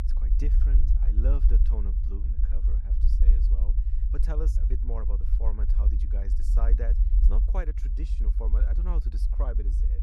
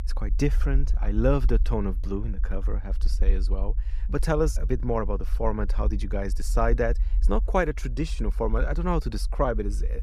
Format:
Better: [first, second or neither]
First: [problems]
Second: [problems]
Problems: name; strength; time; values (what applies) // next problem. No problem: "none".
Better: second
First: low rumble; loud; throughout; 4 dB below the speech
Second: low rumble; faint; throughout; 20 dB below the speech